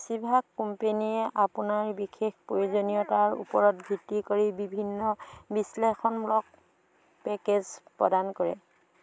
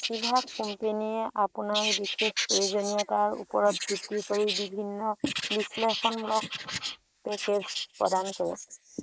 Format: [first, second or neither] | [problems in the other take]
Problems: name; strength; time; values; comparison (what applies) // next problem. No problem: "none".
first | noise reduction (neural mask model Resemble Enhance denoiser)